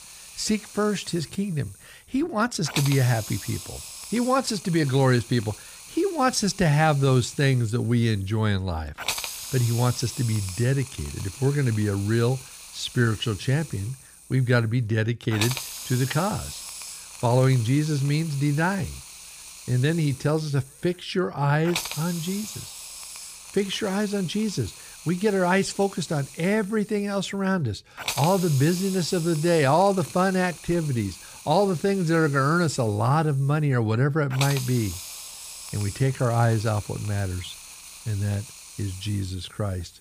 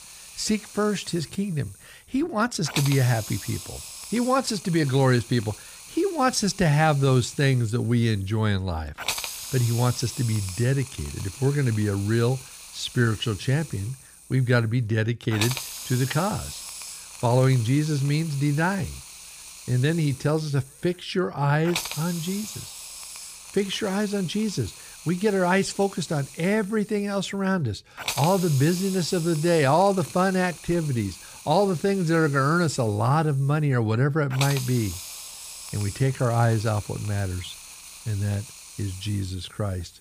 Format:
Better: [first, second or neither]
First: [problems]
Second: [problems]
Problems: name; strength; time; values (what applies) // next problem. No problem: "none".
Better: neither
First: hiss; noticeable; throughout; 10 dB below the speech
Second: hiss; noticeable; throughout; 10 dB below the speech